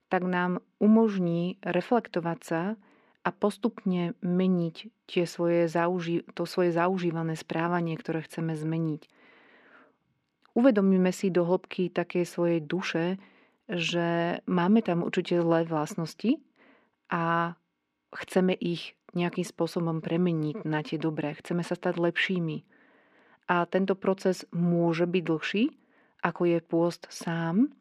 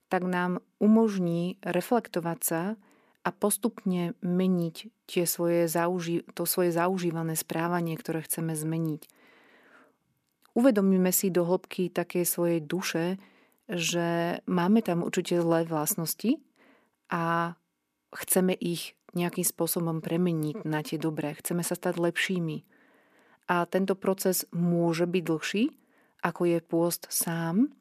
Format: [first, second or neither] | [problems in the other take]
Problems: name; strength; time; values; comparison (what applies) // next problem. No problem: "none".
second | muffled; slightly; fading above 3 kHz